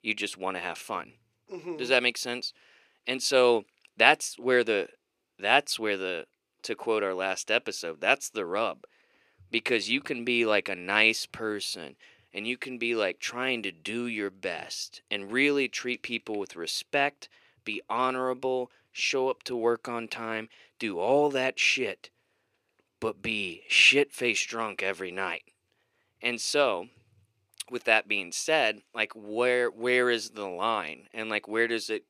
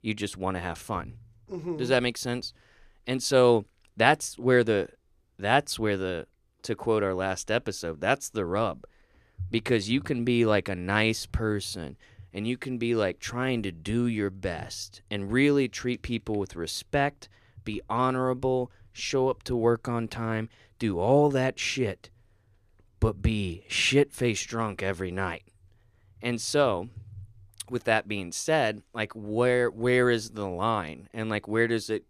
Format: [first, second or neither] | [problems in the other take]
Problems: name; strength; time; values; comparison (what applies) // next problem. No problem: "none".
second | thin; very slightly; fading below 350 Hz